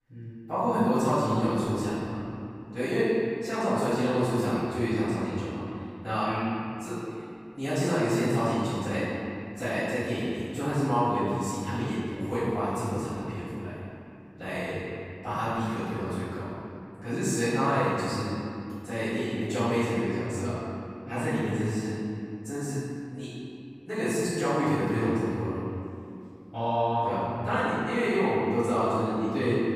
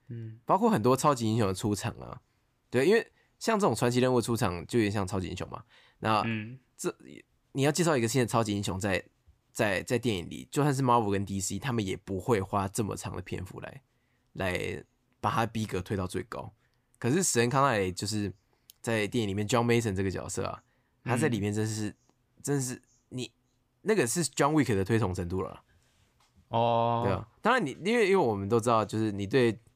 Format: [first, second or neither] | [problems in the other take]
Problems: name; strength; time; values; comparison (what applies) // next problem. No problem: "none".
second | room echo; strong; dies away in 2.6 s // off-mic speech; far